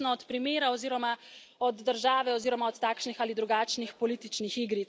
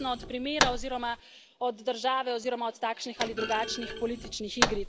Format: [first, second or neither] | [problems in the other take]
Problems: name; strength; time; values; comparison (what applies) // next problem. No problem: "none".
first | background sound (Thump, thud); 3 dB below the speech